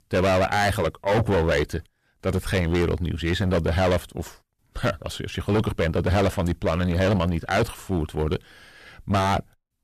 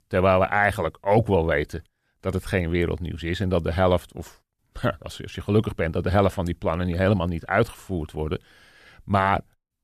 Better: second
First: distortion; heavy; 13% of the sound clipped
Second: none

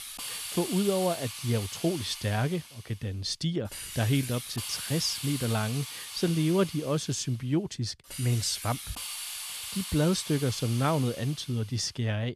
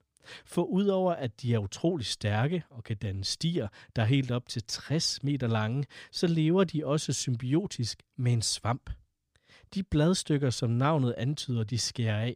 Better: second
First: hiss; loud; throughout; 7 dB below the speech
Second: none

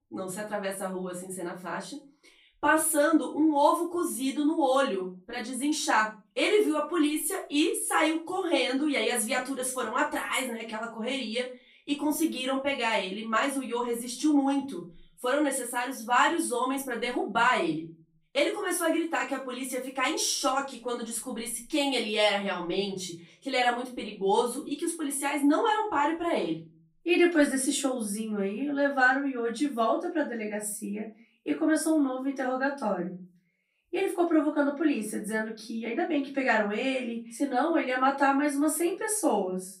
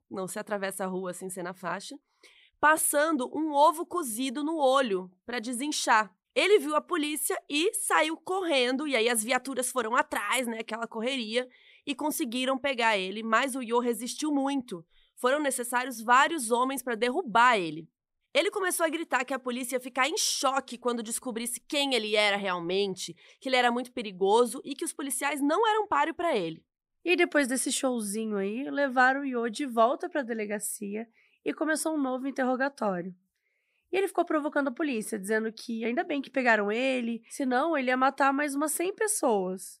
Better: second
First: off-mic speech; far // room echo; slight; dies away in 0.3 s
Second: none

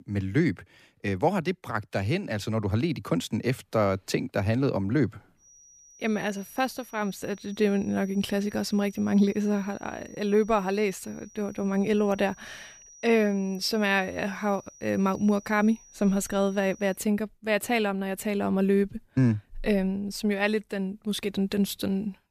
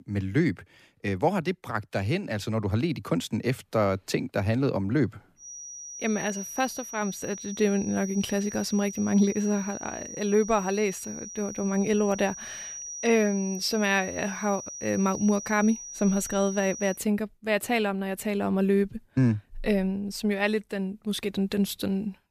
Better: first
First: high-pitched whine; faint; from 5.5 to 17 s; 6 kHz, 25 dB below the speech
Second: high-pitched whine; loud; from 5.5 to 17 s; 6 kHz, 10 dB below the speech

